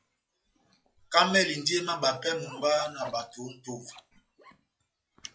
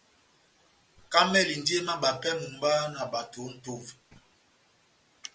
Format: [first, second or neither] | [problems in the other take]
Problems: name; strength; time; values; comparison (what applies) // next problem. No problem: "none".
second | noise reduction (classical method log-MMSE)